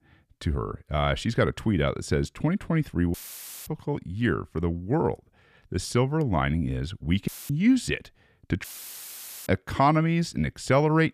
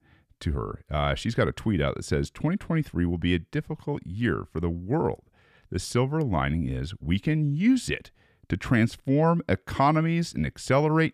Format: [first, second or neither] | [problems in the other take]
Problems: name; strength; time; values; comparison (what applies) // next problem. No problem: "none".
second | audio cutting out; filled with static; at 3 s for 0.5 s, at 7.5 s and at 8.5 s for 1 s